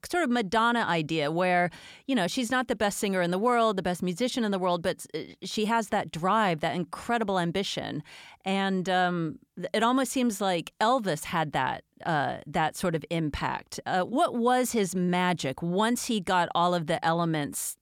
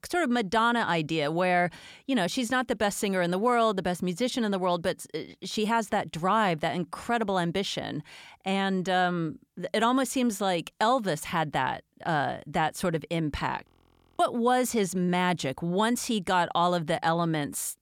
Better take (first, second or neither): first